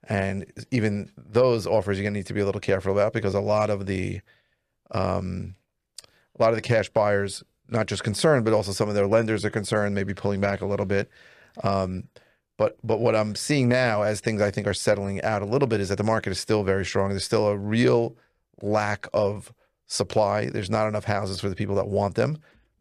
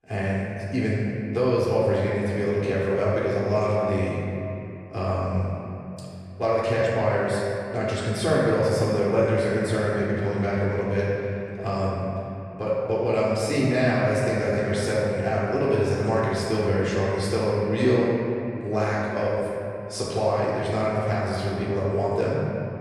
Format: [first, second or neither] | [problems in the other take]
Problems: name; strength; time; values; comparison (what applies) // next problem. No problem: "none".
first | room echo; strong; dies away in 2.8 s // off-mic speech; far